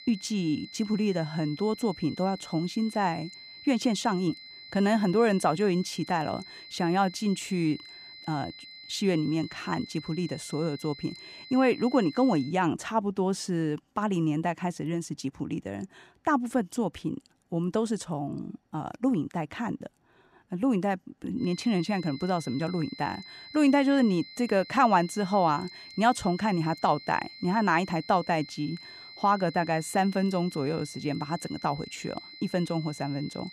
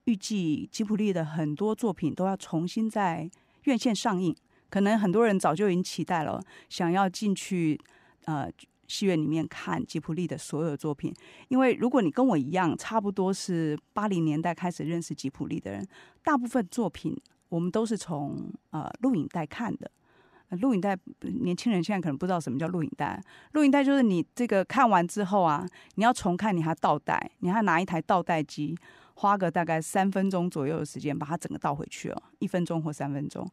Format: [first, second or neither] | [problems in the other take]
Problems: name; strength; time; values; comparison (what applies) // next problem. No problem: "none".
second | high-pitched whine; noticeable; until 13 s and from 21 s on; 4 kHz, 15 dB below the speech